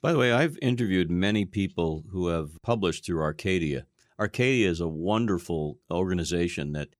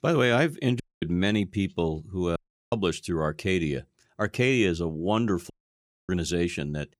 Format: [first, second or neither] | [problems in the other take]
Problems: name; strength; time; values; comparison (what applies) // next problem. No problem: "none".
first | audio cutting out; at 1 s, at 2.5 s and at 5.5 s for 0.5 s